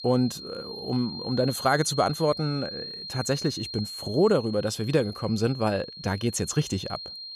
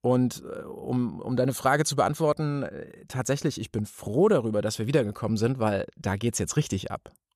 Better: second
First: high-pitched whine; loud; throughout; 4 kHz, 10 dB below the speech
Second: none

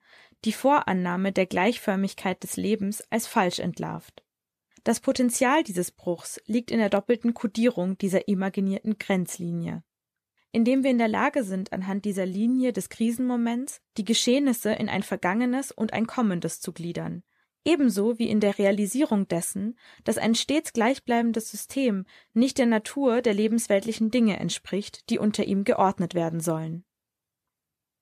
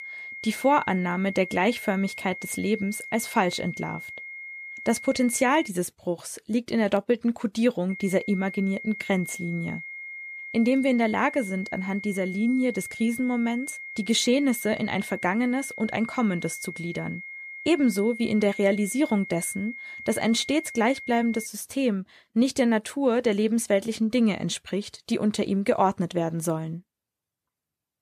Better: first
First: none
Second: high-pitched whine; noticeable; until 5.5 s and from 8 to 21 s; 2 kHz, 10 dB below the speech

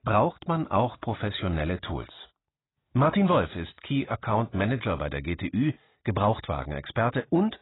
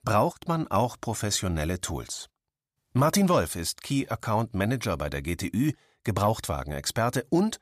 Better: second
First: garbled, watery; badly; nothing above 4 kHz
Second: none

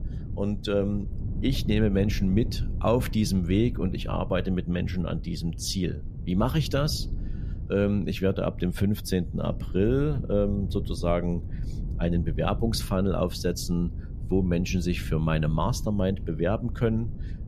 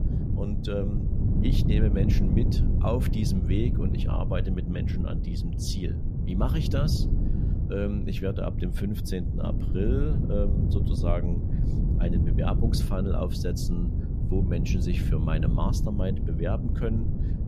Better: first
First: wind noise on the microphone; occasional gusts; 15 dB below the speech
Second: wind noise on the microphone; heavy; 4 dB below the speech

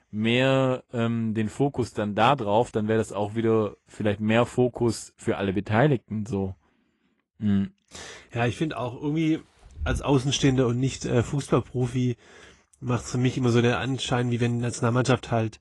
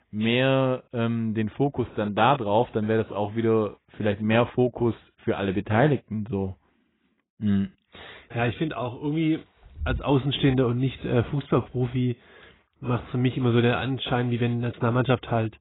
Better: first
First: garbled, watery; slightly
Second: garbled, watery; badly; nothing above 4 kHz

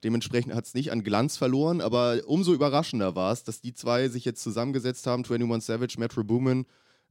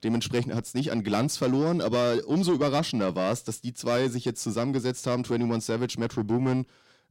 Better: first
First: none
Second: distortion; slight; 10 dB below the speech

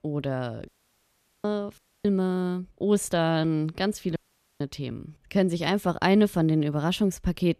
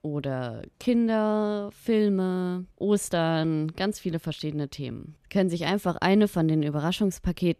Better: second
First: audio cutting out; at 0.5 s for 1 s, at 2 s and at 4 s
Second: none

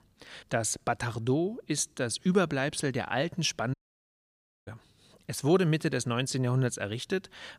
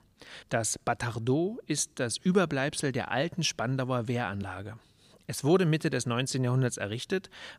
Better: second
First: audio cutting out; at 3.5 s for 1 s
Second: none

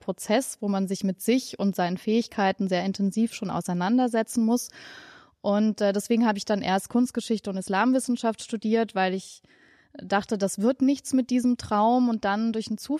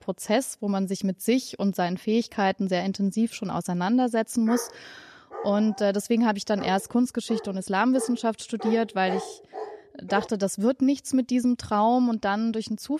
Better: first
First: none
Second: dog barking; noticeable; from 4.5 to 10 s; peak 8 dB below the speech

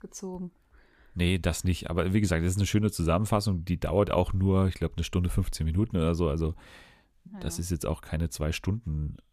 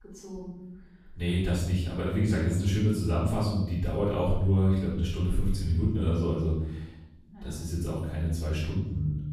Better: first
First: none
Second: off-mic speech; far // room echo; noticeable; dies away in 1 s

